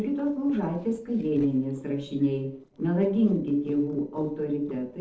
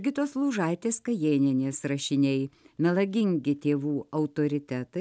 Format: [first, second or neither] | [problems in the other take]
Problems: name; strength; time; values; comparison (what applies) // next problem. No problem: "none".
second | noise reduction (neural separator model SepFormer DNS4)